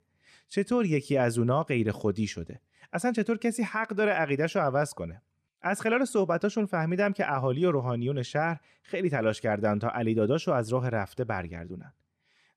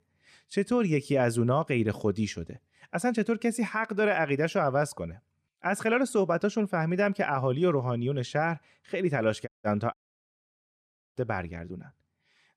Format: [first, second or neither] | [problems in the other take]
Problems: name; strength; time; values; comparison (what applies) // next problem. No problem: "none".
first | audio cutting out; at 9.5 s and at 10 s for 1 s